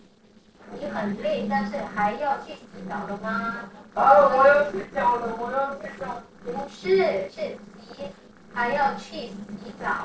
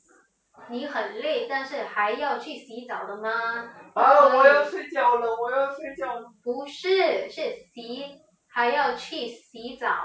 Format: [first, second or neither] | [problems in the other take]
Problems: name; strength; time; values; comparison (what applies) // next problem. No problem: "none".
second | noise reduction (neural separator model SepFormer DNS4)